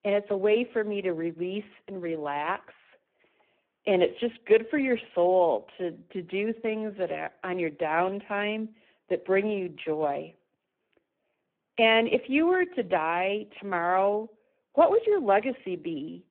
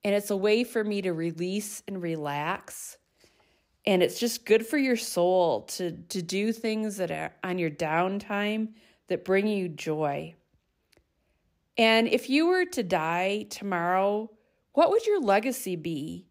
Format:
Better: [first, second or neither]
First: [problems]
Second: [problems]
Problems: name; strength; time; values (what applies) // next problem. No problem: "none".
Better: second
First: phone-call audio; poor line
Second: none